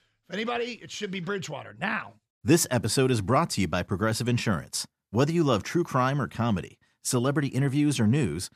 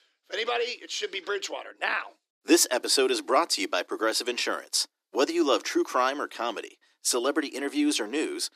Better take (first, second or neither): first